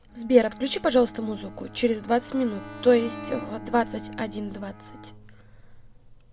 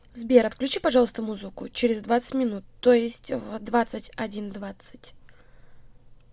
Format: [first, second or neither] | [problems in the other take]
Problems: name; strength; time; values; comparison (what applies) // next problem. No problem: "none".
second | background sound (Bowed string instrument + Bowed string instrument); 15 dB below the speech